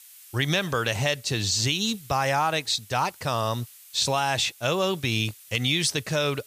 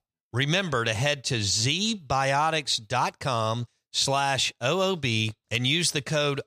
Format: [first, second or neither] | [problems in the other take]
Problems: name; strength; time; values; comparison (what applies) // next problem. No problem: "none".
second | hiss; faint; throughout; 20 dB below the speech